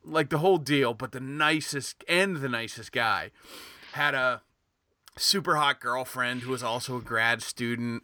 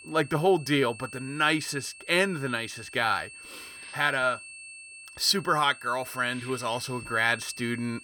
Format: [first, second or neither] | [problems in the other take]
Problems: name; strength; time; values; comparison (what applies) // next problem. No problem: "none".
first | high-pitched whine; noticeable; throughout; 2.5 kHz, 15 dB below the speech